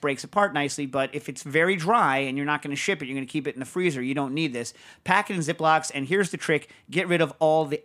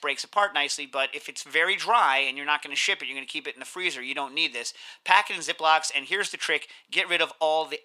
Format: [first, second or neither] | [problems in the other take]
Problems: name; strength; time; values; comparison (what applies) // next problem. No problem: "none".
first | thin; very; fading below 600 Hz